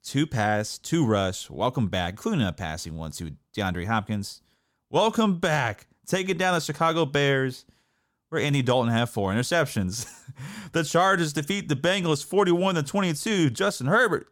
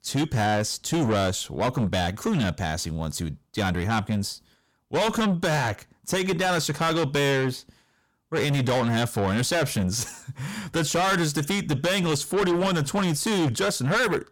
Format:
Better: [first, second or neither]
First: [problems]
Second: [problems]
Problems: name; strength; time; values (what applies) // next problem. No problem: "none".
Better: first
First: none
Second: distortion; heavy; 7 dB below the speech